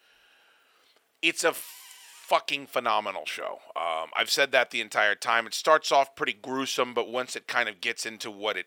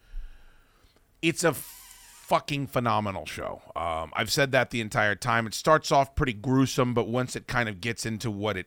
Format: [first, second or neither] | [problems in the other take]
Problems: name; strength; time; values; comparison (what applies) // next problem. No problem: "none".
second | thin; somewhat; fading below 500 Hz